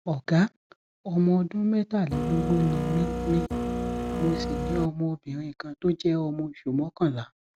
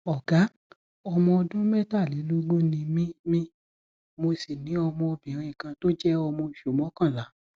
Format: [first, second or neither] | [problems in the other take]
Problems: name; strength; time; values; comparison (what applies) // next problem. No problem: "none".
second | background sound (Printer); 2 dB below the speech